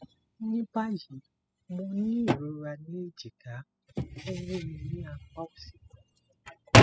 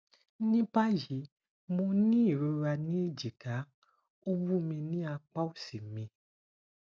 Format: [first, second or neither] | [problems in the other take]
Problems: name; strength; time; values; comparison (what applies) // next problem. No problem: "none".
second | noise reduction (classical method spectral subtraction)